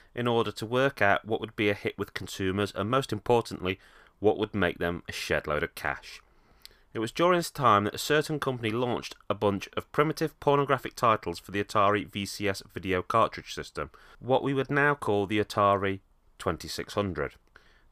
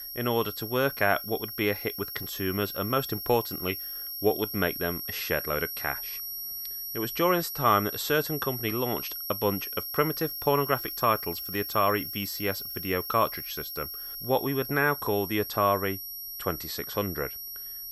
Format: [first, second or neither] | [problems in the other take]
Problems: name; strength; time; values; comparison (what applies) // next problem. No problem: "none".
first | high-pitched whine; loud; throughout; 12 kHz, 5 dB below the speech